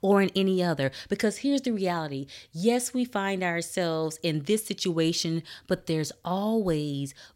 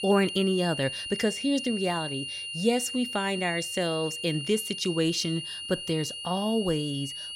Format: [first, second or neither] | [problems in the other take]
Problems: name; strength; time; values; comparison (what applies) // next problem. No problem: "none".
first | high-pitched whine; loud; throughout; 3 kHz, 5 dB below the speech